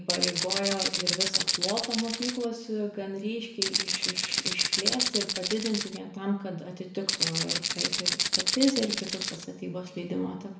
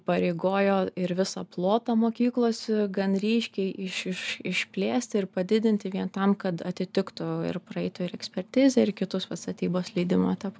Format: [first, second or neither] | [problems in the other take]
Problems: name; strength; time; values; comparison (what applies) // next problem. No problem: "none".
second | background sound (Rattle (instrument)); 3 dB above the speech // room echo; dies away in 0.7 s